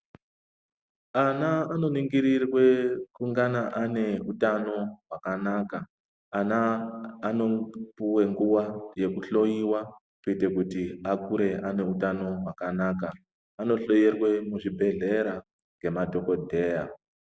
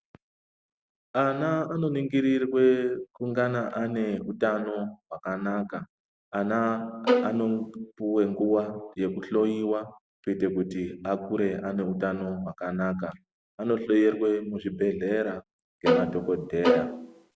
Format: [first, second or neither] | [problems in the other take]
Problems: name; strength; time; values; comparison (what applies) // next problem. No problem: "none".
first | background sound (Bowed string instrument); 1 dB above the speech